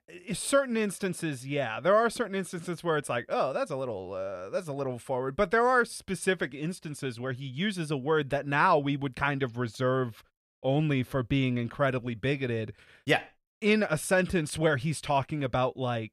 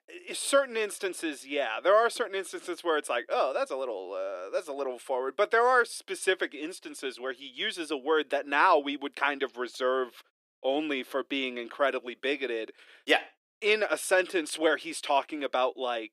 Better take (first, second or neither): first